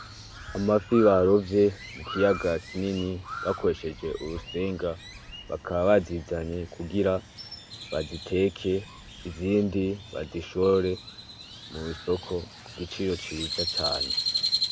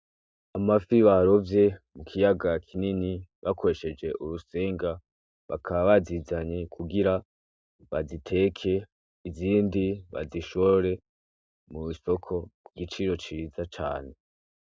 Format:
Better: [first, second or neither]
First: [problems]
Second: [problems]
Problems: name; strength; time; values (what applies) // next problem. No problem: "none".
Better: second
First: background sound (Crow); 9 dB below the speech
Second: none